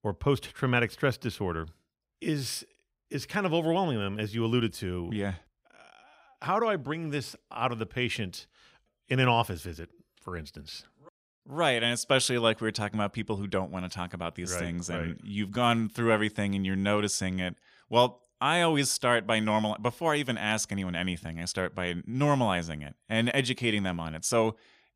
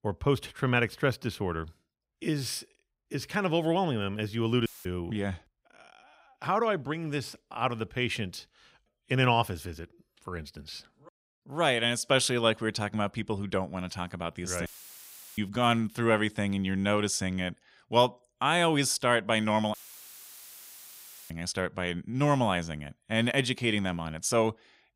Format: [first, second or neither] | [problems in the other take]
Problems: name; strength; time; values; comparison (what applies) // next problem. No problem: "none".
first | audio cutting out; filled with static; at 4.5 s, at 15 s for 0.5 s and at 20 s for 1.5 s